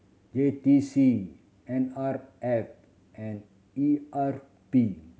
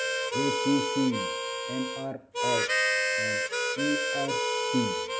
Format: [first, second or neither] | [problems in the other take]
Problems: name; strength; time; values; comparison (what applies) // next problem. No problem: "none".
first | background sound (Harmonica); 4 dB above the speech